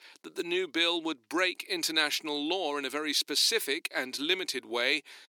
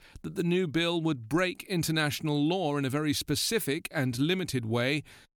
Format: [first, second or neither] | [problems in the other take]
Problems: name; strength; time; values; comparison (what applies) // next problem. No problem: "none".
second | thin; somewhat; fading below 350 Hz